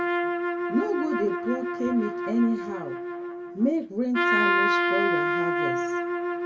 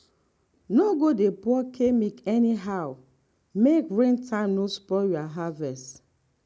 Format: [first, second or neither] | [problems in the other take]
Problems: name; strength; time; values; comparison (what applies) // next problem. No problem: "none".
second | background sound (Trumpet); 2 dB above the speech // room echo; dies away in 0.1 s